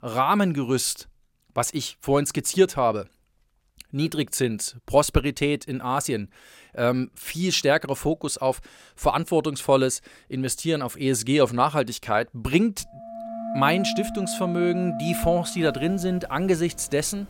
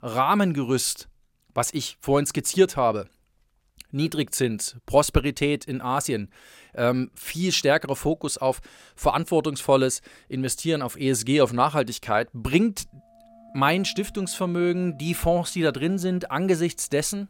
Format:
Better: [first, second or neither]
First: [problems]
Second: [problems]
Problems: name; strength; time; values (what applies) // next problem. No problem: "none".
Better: second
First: background music; loud; from 13 s on; 9 dB below the speech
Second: background music; faint; from 13 s on; 25 dB below the speech